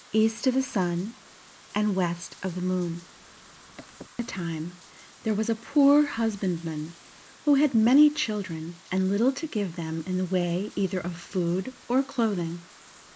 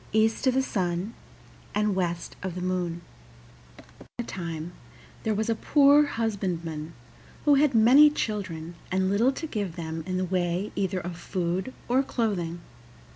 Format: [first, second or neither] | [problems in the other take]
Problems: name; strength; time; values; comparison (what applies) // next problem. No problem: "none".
second | noise reduction (neural mask model Resemble Enhance denoiser)